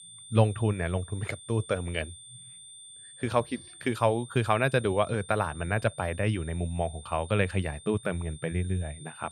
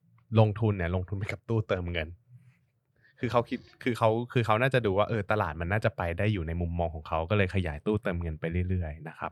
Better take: second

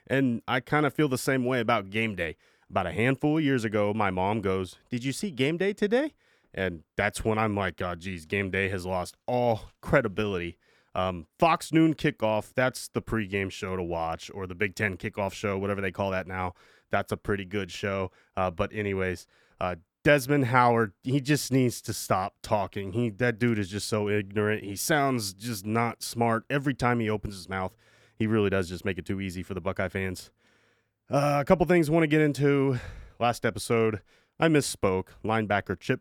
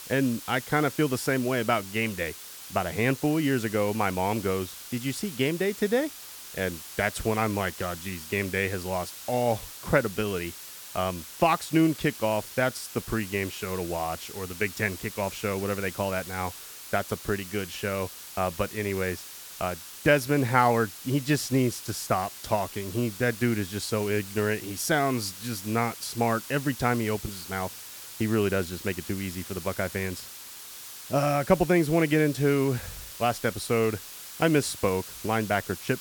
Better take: first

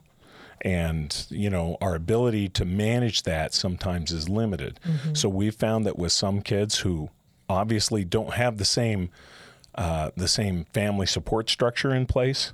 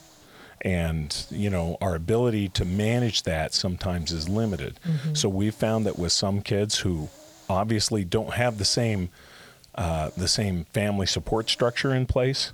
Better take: first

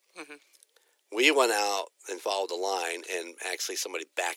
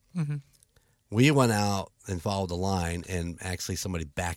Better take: second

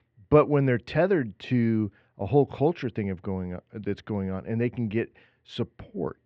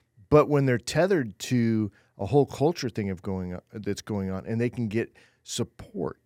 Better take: second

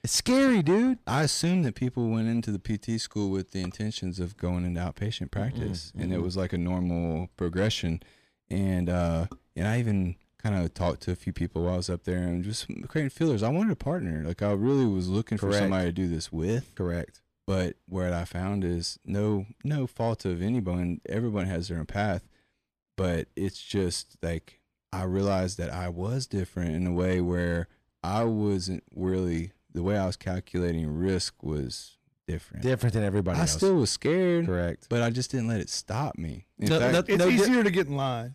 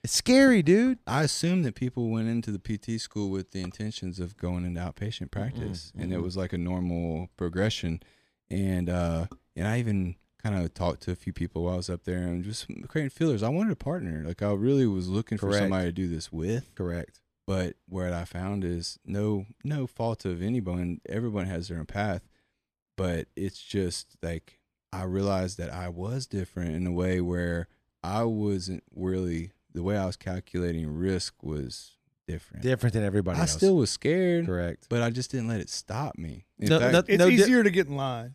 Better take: second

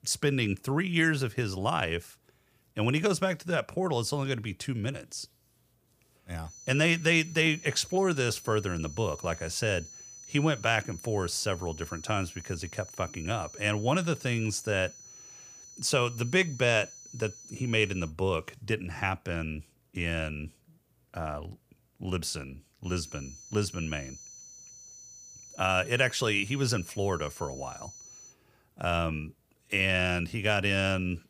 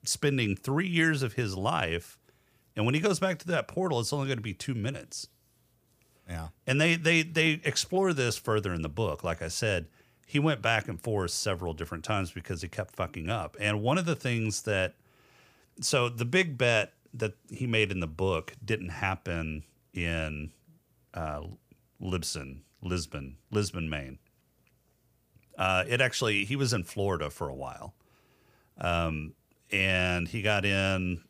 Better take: second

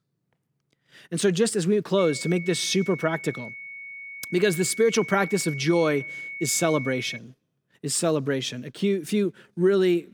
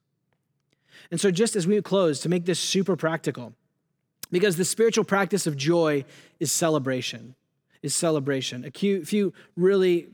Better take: second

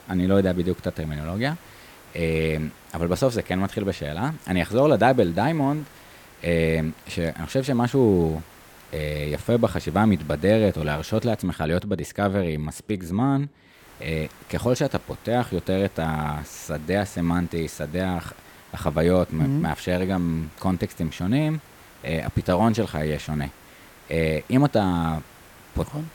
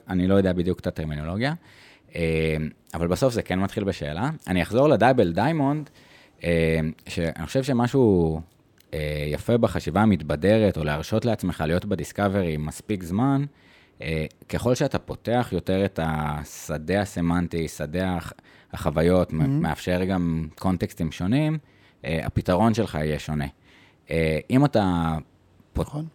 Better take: second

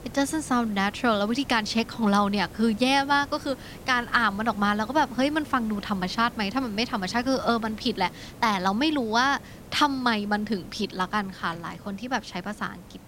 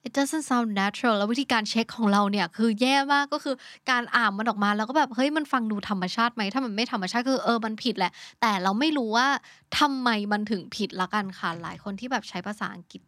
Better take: second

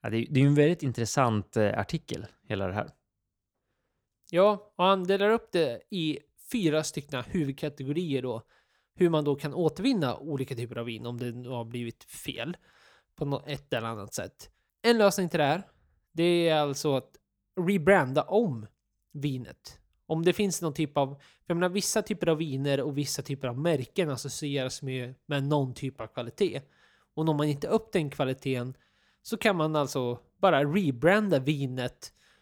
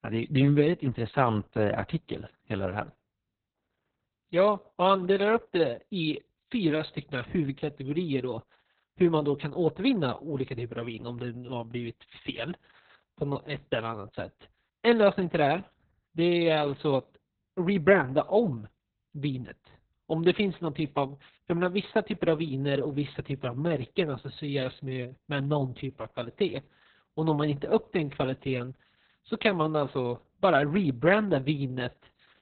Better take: first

